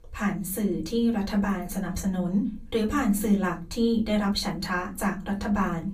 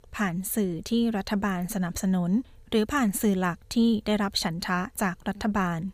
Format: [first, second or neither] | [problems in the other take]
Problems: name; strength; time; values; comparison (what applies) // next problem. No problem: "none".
second | off-mic speech; far // room echo; very slight; dies away in 0.3 s